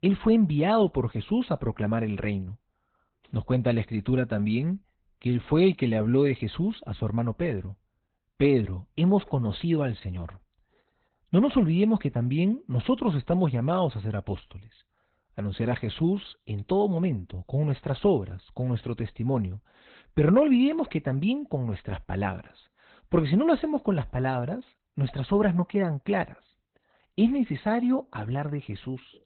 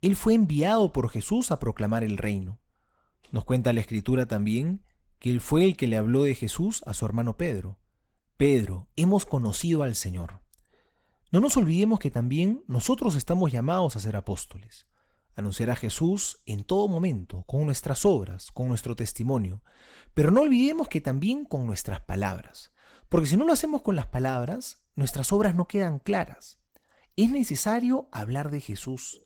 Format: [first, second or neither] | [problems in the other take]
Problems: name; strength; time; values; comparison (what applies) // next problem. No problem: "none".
second | garbled, watery; badly; nothing above 4 kHz; slightly in the second